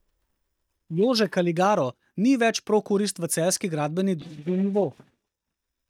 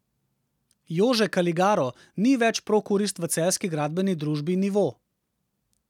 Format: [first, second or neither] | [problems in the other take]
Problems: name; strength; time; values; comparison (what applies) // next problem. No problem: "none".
second | noise reduction (neural mask model DeepFilterNet 3)